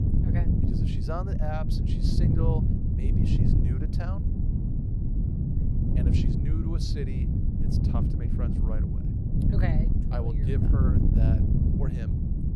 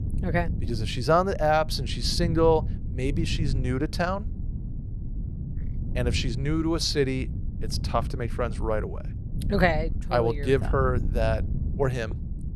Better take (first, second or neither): second